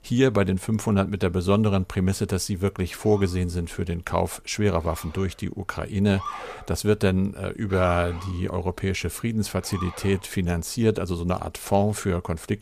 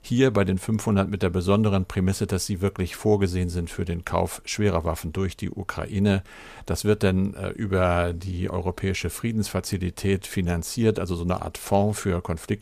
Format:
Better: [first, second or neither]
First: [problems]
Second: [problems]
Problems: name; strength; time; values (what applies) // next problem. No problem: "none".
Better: second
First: siren; noticeable; from 3 to 10 s; peak 9 dB below the speech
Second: none